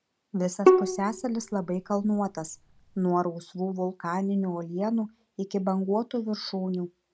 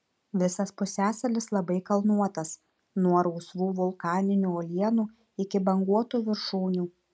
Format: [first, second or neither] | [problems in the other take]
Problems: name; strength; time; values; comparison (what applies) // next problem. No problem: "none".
second | background sound (Bowed string instrument); 2 dB above the speech